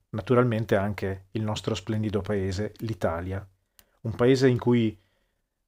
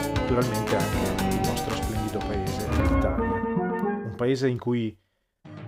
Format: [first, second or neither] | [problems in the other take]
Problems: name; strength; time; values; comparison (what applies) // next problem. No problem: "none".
first | background music; very loud; throughout; 3 dB above the speech